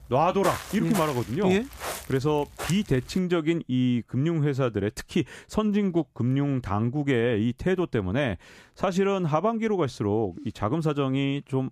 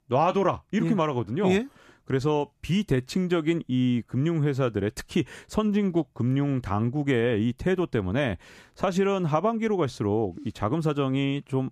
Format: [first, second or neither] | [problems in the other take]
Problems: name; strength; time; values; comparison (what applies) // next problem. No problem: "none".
second | footsteps; noticeable; until 3 s; peak 7 dB below the speech